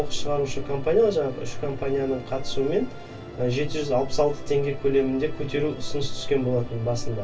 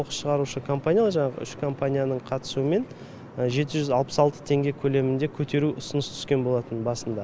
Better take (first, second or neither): second